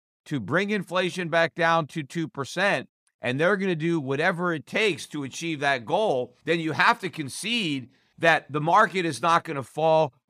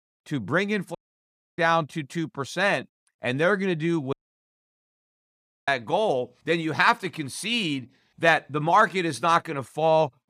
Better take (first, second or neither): first